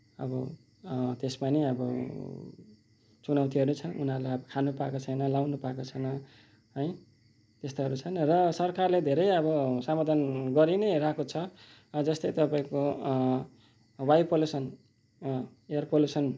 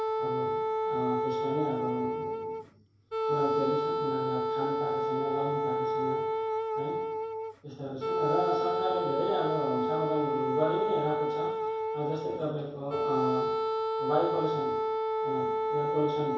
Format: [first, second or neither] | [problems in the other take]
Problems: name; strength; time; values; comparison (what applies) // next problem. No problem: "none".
first | background sound (Wind instrument, woodwind instrument); 4 dB above the speech // room echo; dies away in 0.7 s